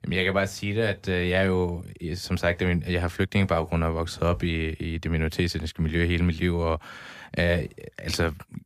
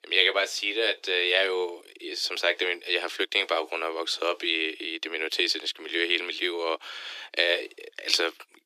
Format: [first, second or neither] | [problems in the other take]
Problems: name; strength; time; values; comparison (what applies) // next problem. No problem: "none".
first | thin; very; fading below 300 Hz